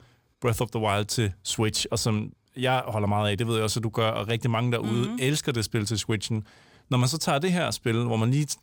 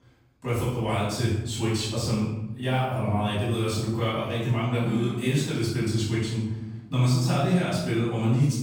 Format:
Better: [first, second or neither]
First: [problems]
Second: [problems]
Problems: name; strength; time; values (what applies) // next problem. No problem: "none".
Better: first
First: none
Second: off-mic speech; far // room echo; strong; dies away in 1.1 s